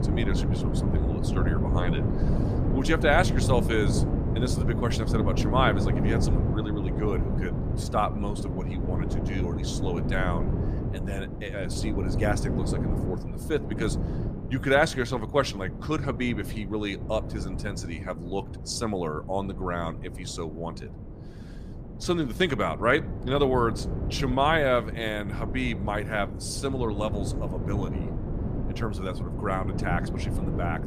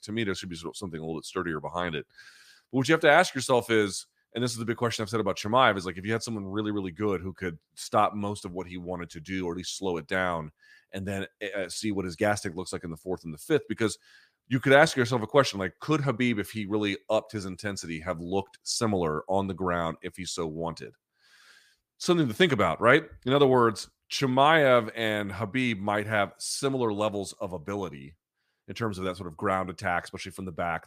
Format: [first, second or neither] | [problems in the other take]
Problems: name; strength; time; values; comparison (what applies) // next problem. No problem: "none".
second | wind noise on the microphone; heavy; 8 dB below the speech